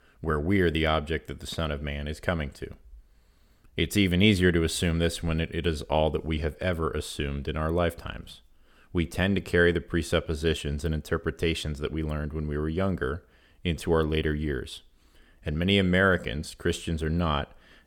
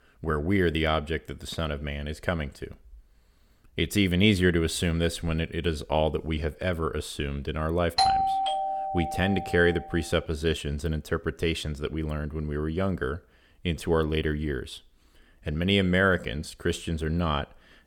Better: first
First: none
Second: doorbell; loud; from 8 to 9.5 s; peak 5 dB above the speech

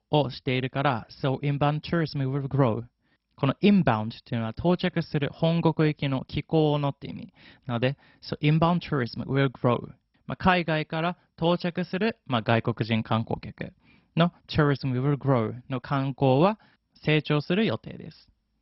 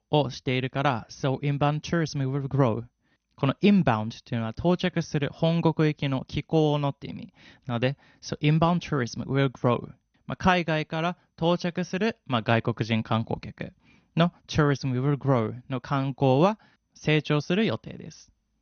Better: second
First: garbled, watery; badly; nothing above 5.5 kHz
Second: garbled, watery; slightly; nothing above 6.5 kHz

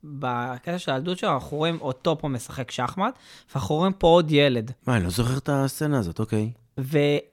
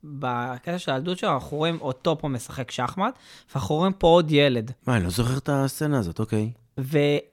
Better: neither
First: none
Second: none

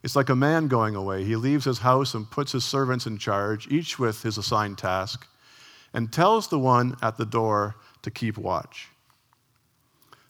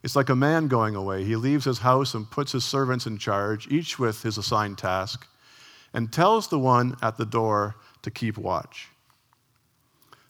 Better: neither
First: none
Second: none

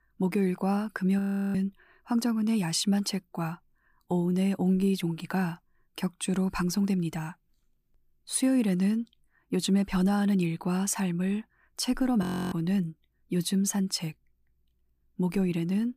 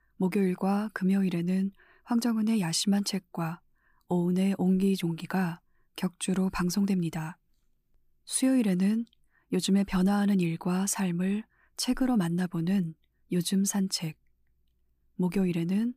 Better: second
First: audio freezing; at 1 s and at 12 s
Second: none

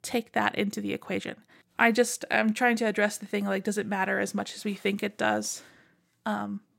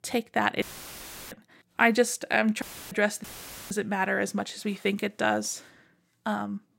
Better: first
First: none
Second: audio cutting out; filled with static; at 0.5 s for 0.5 s, at 2.5 s and at 3 s

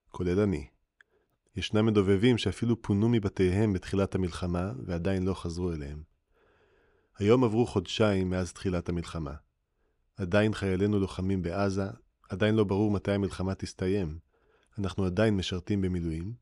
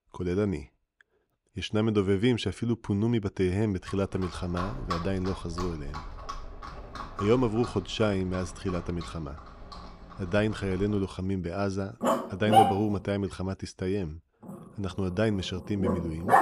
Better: first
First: none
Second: animal sounds; loud; from 4 s on; 3 dB below the speech

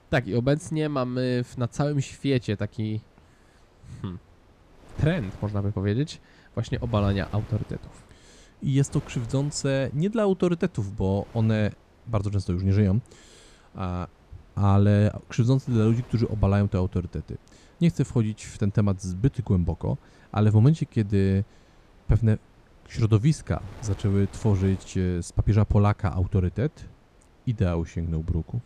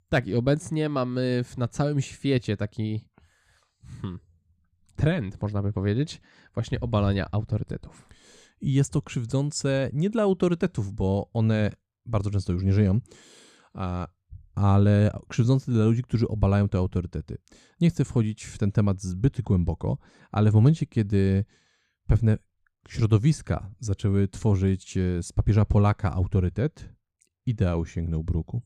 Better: second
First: wind noise on the microphone; occasional gusts; 25 dB below the speech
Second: none

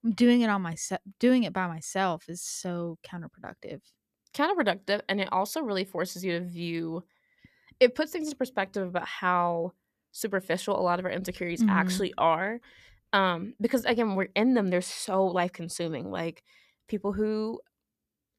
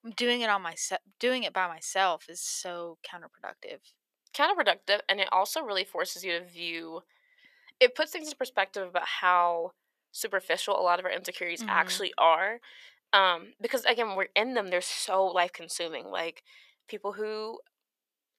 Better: first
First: none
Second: thin; very; fading below 650 Hz

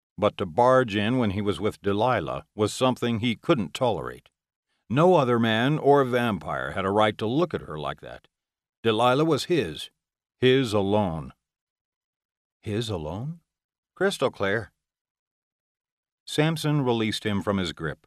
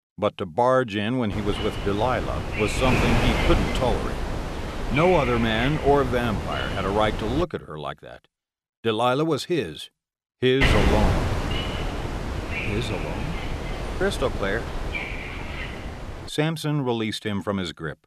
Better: first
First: none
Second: wind noise on the microphone; heavy; from 1.5 to 7.5 s and from 11 to 16 s; 4 dB below the speech

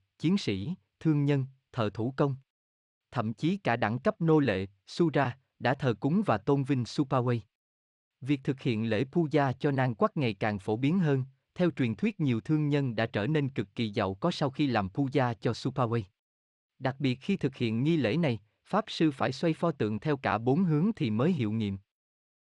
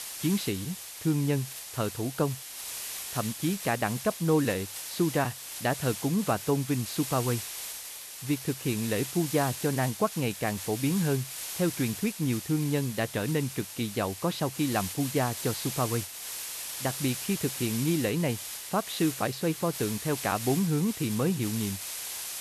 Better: first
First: none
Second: hiss; loud; throughout; 6 dB below the speech

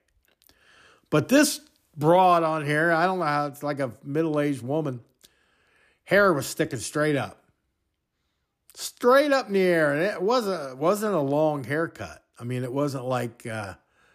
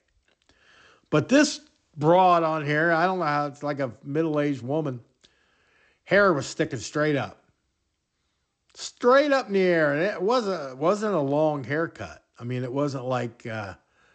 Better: first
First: none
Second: garbled, watery; slightly; nothing above 8 kHz

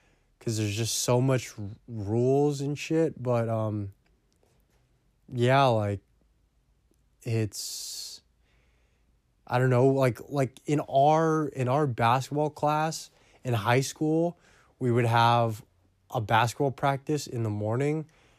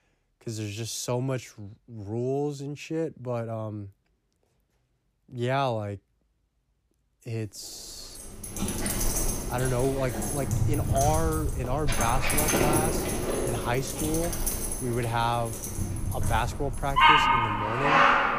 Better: first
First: none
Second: animal sounds; very loud; from 8 s on; 4 dB above the speech

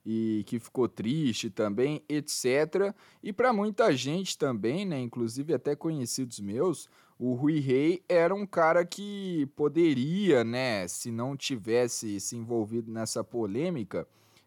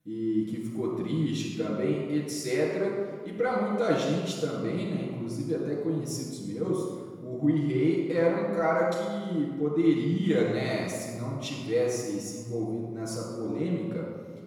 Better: first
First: none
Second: off-mic speech; far // room echo; noticeable; dies away in 1.5 s

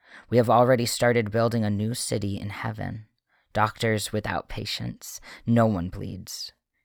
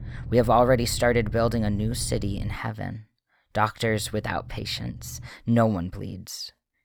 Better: first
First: none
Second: low rumble; faint; until 2.5 s and from 4 to 5.5 s; 25 dB below the speech

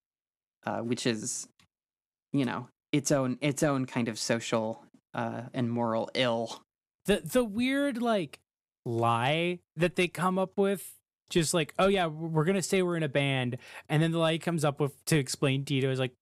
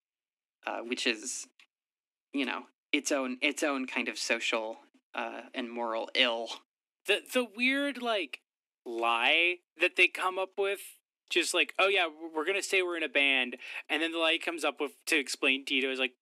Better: first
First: none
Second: thin; very slightly; fading below 250 Hz

